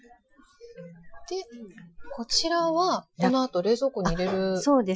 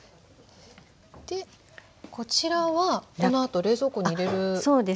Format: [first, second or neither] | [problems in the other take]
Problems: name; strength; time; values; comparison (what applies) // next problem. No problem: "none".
second | noise reduction (classical method Wiener filter)